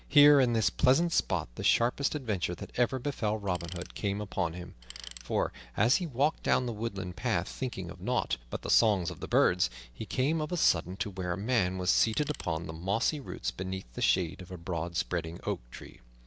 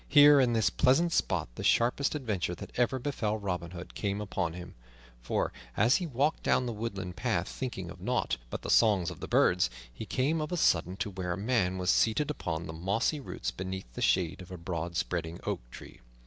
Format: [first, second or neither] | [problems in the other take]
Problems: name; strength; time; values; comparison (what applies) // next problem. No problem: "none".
second | background sound (Tools); 17 dB below the speech